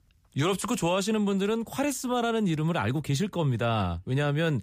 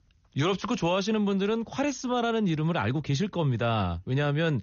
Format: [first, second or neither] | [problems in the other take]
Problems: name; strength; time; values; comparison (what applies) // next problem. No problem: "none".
first | garbled, watery; slightly; nothing above 6.5 kHz